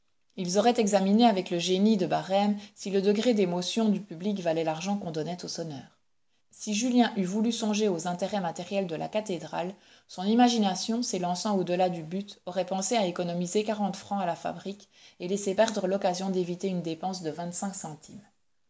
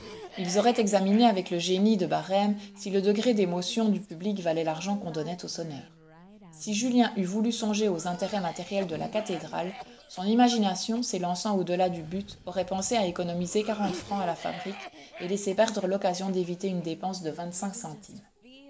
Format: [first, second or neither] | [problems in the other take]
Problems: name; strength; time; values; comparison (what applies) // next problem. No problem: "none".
first | background sound (Cough); 19 dB below the speech